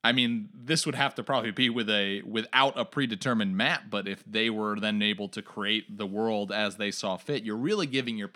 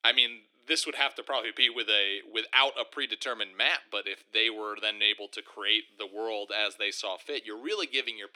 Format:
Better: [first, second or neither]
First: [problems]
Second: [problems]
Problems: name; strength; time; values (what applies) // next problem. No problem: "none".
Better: first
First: none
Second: thin; very; fading below 300 Hz